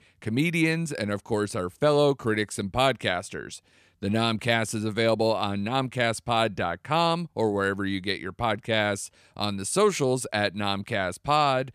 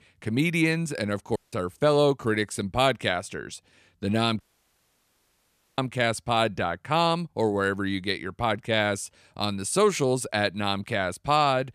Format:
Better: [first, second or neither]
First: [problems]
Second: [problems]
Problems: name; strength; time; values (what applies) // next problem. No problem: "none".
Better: first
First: none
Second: audio cutting out; at 1.5 s and at 4.5 s for 1.5 s